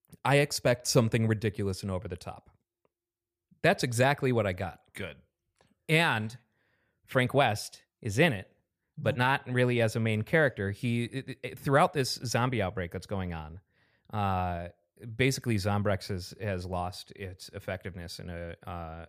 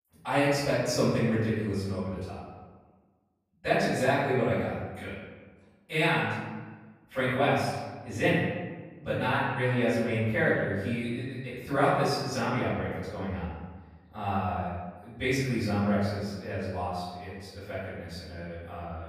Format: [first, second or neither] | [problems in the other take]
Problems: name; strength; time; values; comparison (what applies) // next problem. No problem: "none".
first | off-mic speech; far // room echo; strong; dies away in 1.3 s